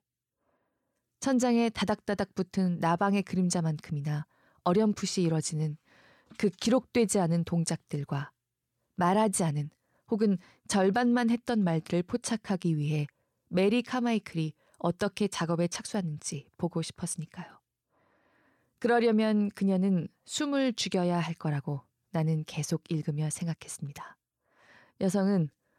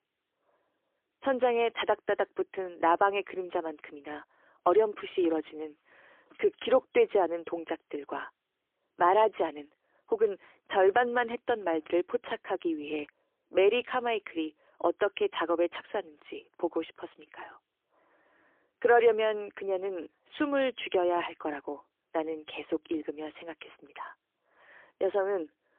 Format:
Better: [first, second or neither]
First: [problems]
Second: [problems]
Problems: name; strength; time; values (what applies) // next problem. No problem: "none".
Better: first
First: none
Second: phone-call audio; poor line; nothing above 3.5 kHz